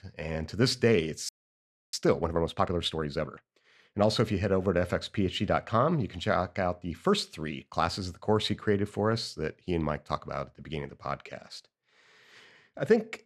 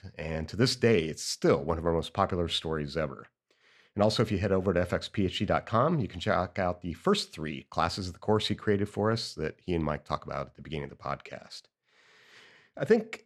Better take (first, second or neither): second